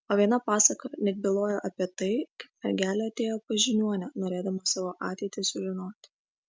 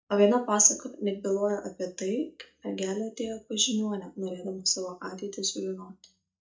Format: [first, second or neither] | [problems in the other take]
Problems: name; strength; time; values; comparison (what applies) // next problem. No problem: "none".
first | noise reduction (neural mask model DeepFilterNet 3)